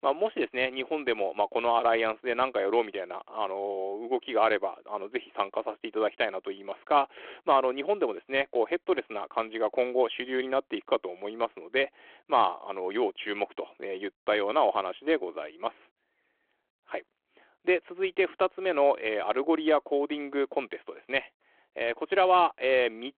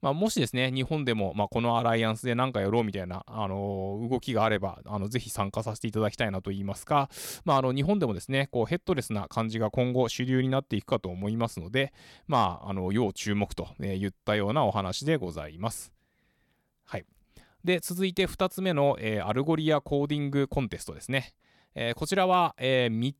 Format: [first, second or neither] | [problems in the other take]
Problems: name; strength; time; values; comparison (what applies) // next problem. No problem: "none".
second | phone-call audio